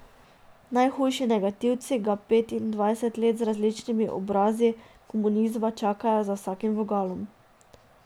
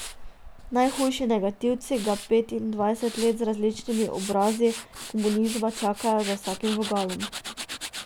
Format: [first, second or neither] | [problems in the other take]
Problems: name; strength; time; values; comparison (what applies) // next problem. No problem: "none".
first | background sound (Tools); 12 dB below the speech